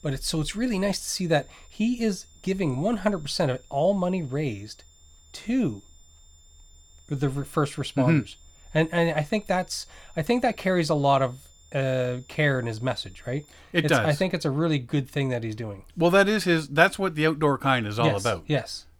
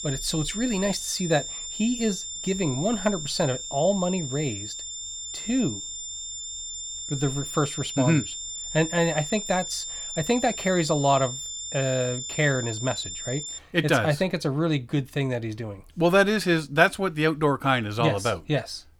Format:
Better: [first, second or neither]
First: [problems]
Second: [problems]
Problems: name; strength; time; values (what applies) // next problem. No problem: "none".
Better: first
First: high-pitched whine; faint; until 14 s; 7 kHz, 30 dB below the speech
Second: high-pitched whine; loud; until 14 s; 7 kHz, 7 dB below the speech